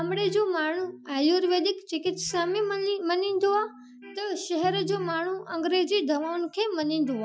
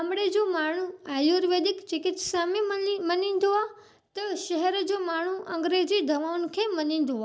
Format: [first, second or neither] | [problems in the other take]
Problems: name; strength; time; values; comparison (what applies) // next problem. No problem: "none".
second | noise reduction (classical method Wiener filter)